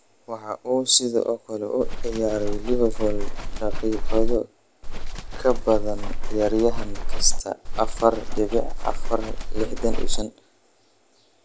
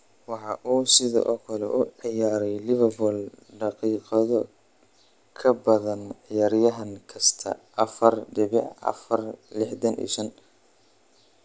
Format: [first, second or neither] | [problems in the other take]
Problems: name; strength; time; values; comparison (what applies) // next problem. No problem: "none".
second | background sound (Livestock, farm animals, working animals); 4 dB above the speech